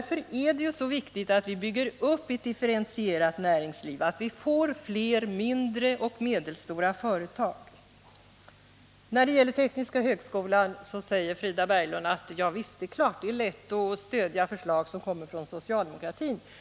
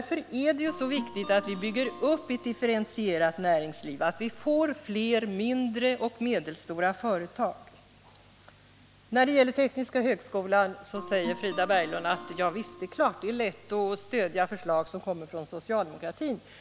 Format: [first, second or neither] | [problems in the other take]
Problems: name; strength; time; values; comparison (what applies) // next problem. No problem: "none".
first | background sound (Guitar); 15 dB below the speech